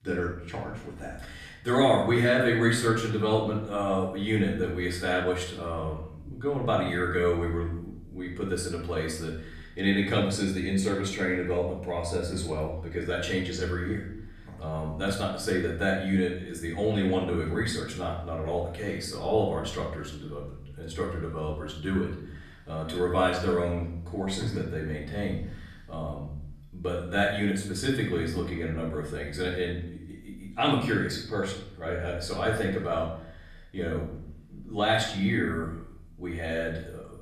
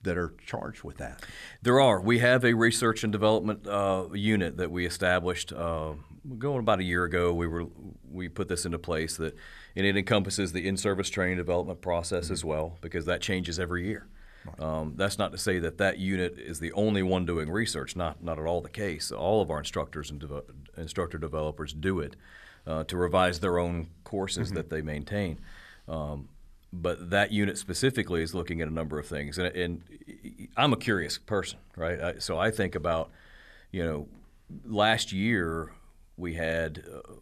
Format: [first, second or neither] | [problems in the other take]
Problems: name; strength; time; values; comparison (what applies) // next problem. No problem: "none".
second | off-mic speech; far // room echo; noticeable; dies away in 0.7 s